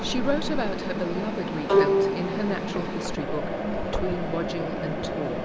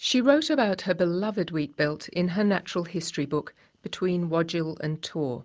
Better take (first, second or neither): second